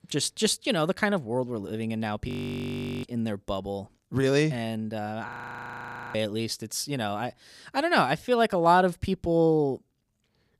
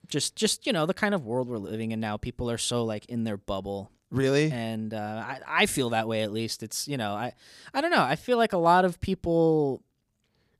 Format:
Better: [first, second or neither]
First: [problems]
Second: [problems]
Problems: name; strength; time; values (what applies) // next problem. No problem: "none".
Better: second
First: audio freezing; at 2.5 s for 0.5 s and at 5.5 s for 1 s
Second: none